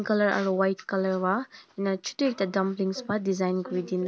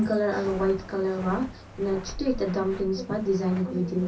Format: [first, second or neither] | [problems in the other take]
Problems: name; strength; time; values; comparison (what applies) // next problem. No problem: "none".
first | background sound (Walk, footsteps); 13 dB below the speech // room echo; dies away in 0.3 s